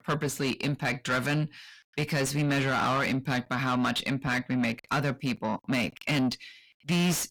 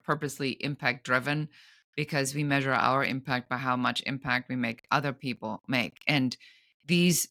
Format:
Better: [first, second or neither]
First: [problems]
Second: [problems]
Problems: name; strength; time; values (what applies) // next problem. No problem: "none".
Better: second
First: distortion; heavy; 6 dB below the speech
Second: none